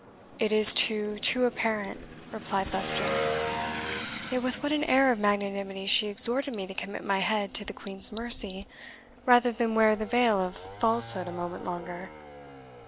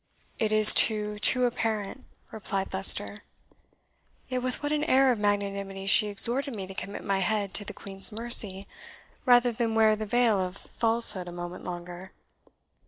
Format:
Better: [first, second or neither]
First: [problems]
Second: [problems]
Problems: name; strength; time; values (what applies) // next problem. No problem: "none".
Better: second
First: background sound (Motorcycle / Engine); 9 dB below the speech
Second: none